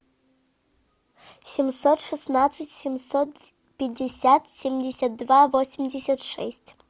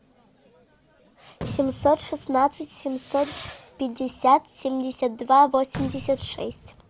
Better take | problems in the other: first | background sound (Fireworks); 16 dB below the speech

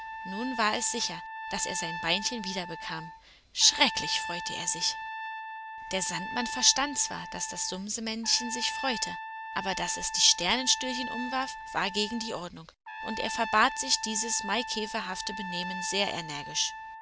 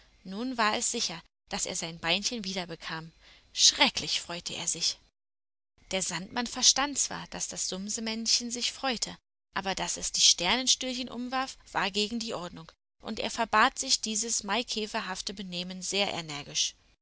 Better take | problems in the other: second | background sound (Trumpet); 8 dB below the speech

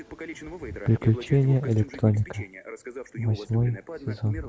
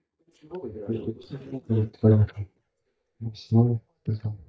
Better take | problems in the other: first | noise reduction (neural mask model DeepFilterNet 3)

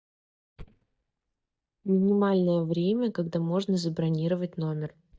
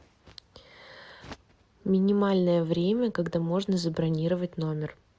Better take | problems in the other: second | noise reduction (neural mask model DeepFilterNet 3)

